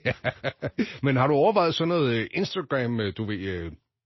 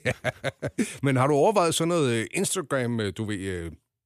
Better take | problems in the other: second | garbled, watery; slightly; nothing above 5.5 kHz

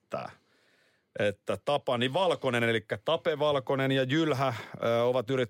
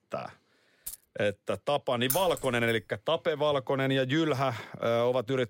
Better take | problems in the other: first | jangling keys; faint; at 1 s; peak 15 dB below the speech // jangling keys; noticeable; at 2 s; peak 3 dB below the speech

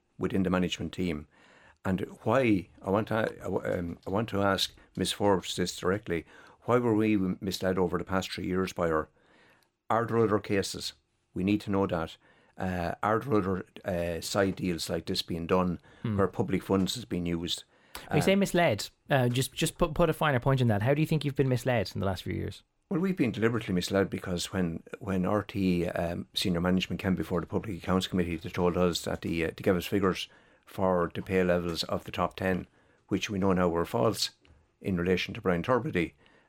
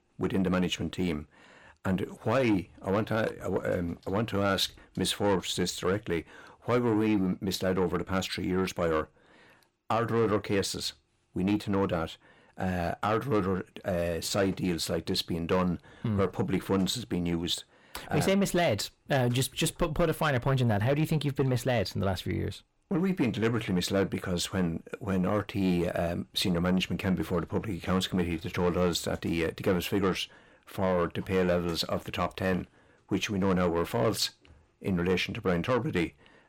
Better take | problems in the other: first | distortion; slight; 10 dB below the speech

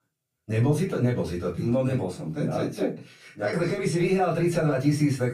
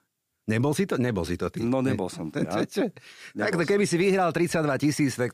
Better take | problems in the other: second | off-mic speech; far // room echo; slight; dies away in 0.2 s

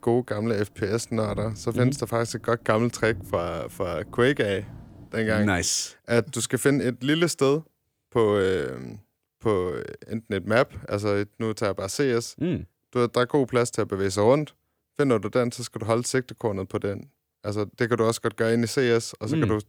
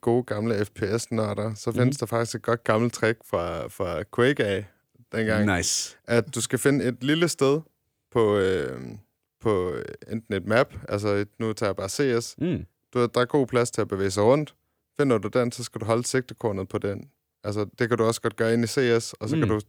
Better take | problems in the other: second | rain or running water; noticeable; until 5 s; 20 dB below the speech

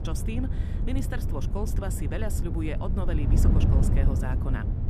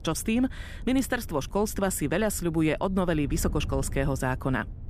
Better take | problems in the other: second | wind noise on the microphone; heavy; 2 dB below the speech; occasional gusts in the second

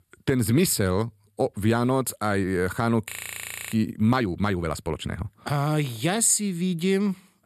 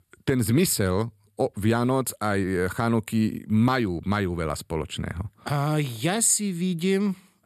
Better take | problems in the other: second | audio freezing; at 3 s for 0.5 s

